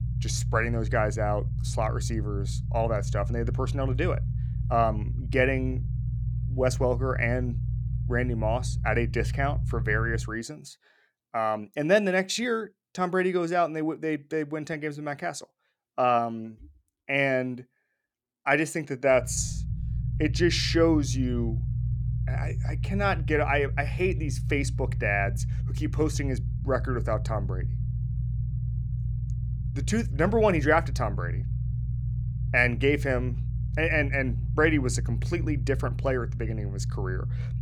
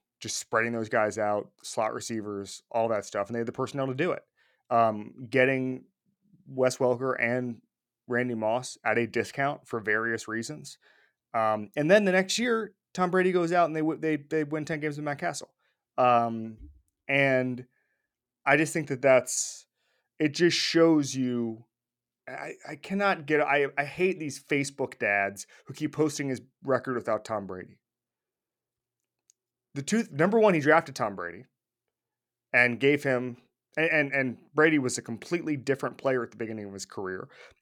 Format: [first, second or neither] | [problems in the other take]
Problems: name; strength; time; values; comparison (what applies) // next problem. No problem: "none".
second | low rumble; noticeable; until 10 s and from 19 s on; 15 dB below the speech